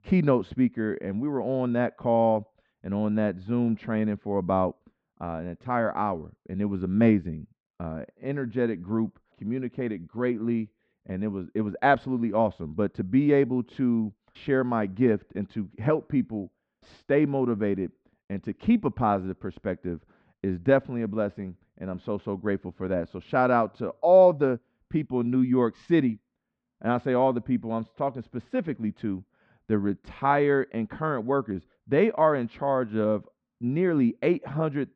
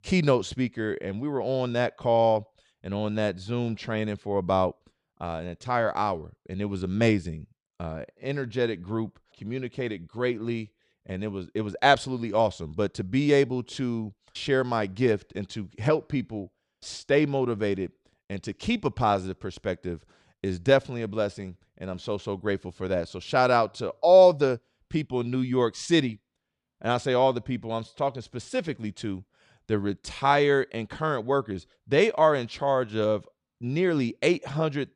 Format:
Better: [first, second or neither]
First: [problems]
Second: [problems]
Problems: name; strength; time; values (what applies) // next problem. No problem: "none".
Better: second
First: muffled; very; fading above 1.5 kHz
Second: none